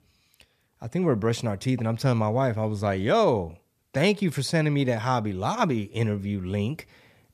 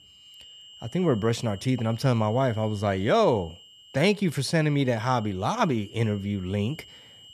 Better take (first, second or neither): first